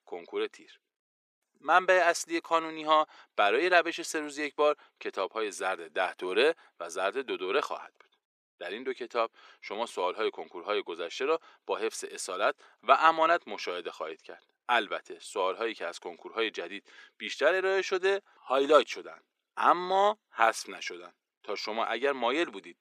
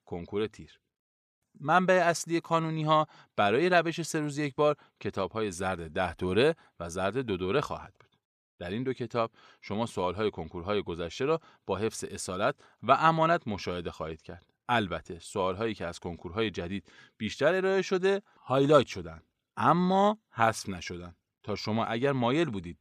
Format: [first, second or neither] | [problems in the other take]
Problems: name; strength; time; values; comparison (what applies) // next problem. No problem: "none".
second | thin; somewhat; fading below 350 Hz